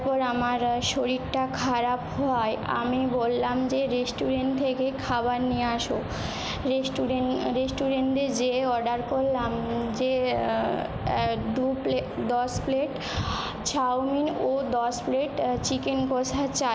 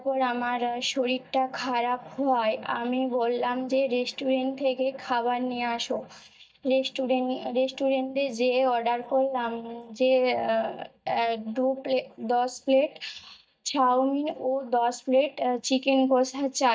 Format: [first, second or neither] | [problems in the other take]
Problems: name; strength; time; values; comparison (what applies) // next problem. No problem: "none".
first | noise reduction (neural mask model DeepFilterNet 3)